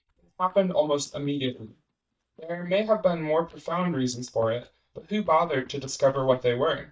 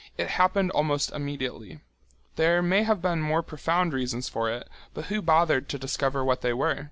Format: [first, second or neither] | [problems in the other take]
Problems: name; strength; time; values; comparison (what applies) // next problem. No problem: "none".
second | noise reduction (neural mask model DeepFilterNet 3)